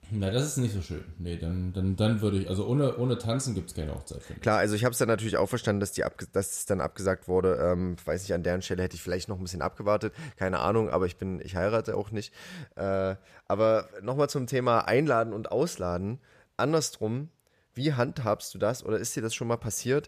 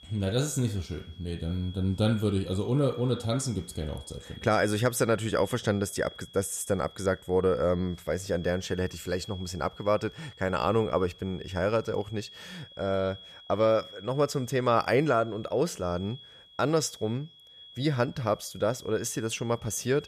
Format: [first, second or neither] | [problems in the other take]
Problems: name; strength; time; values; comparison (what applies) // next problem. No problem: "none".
first | high-pitched whine; noticeable; throughout; 3.5 kHz, 20 dB below the speech